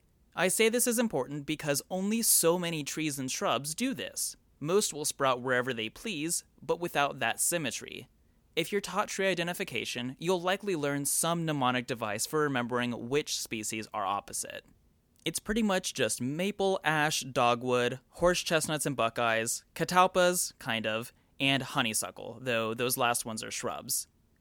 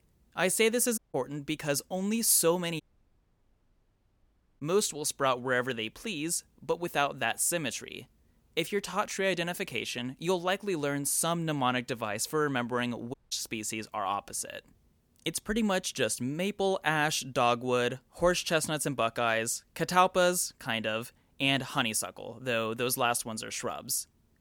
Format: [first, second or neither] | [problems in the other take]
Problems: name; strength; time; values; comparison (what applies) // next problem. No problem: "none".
first | audio cutting out; at 1 s, at 3 s for 2 s and at 13 s